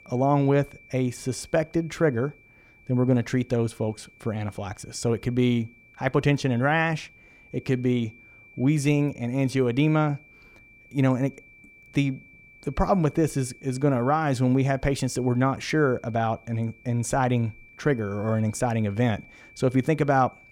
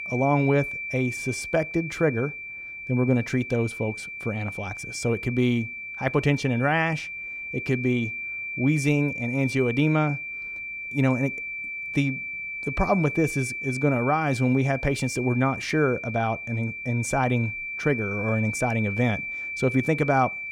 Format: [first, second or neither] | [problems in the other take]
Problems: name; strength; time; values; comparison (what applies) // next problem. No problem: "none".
first | high-pitched whine; loud; throughout; 2.5 kHz, 6 dB below the speech; faint in the first